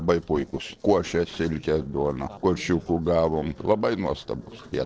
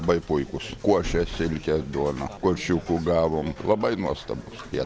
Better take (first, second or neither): second